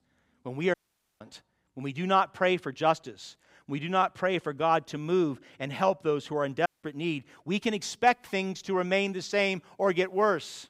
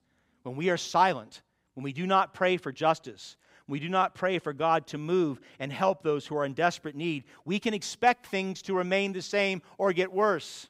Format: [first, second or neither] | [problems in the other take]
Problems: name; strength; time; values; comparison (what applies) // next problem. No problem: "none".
second | audio cutting out; at 0.5 s and at 6.5 s